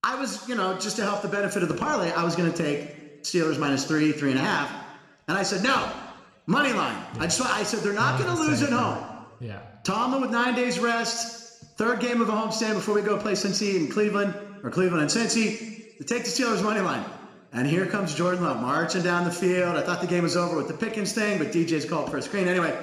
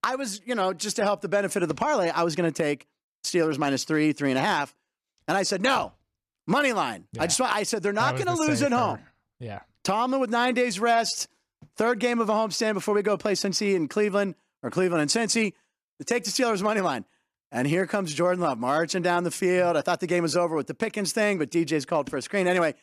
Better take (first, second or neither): second